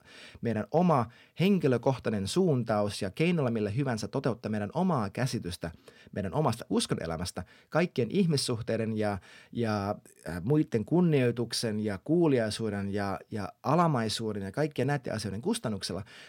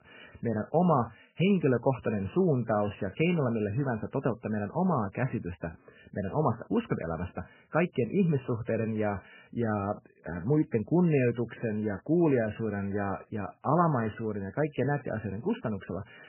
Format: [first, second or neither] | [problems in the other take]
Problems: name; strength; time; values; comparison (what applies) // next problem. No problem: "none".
first | garbled, watery; badly; nothing above 3 kHz